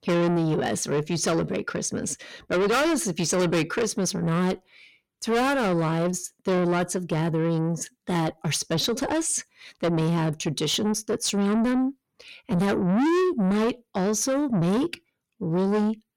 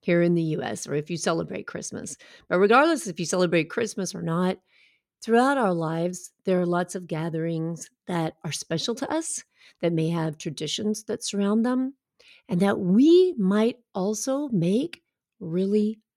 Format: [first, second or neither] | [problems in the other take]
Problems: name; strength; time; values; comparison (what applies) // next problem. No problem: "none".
second | distortion; heavy; 6 dB below the speech